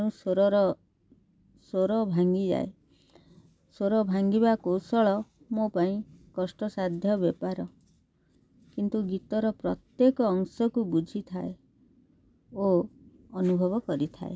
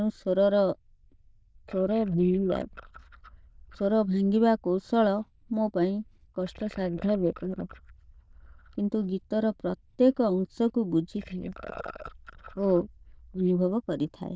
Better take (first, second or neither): first